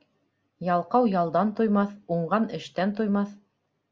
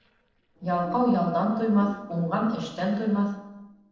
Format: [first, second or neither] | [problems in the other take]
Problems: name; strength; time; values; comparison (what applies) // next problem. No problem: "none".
first | noise reduction (neural separator model SepFormer DNS4)